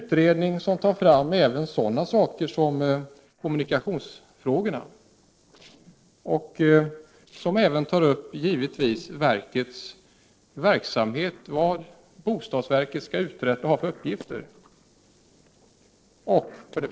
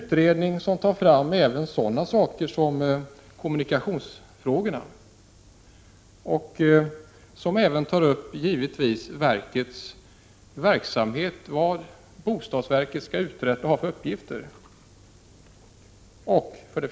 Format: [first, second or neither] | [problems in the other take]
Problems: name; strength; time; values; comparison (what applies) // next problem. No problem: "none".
second | noise reduction (neural separator model SepFormer DNS4)